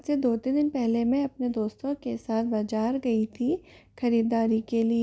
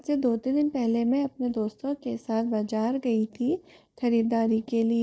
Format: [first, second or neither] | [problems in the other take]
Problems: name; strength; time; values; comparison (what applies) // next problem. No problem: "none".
first | noise reduction (neural mask model Resemble Enhance denoiser)